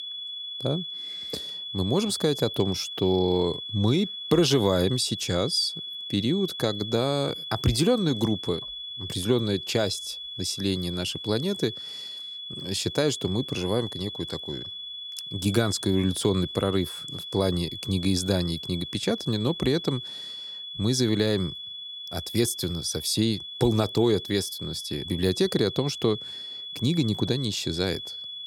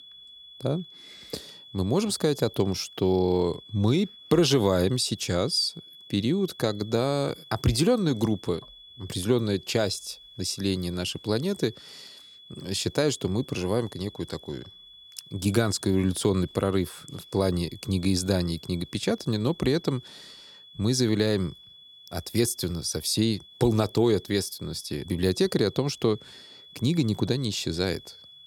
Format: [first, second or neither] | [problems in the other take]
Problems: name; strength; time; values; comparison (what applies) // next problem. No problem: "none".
second | high-pitched whine; loud; throughout; 3.5 kHz, 8 dB below the speech; faint in the second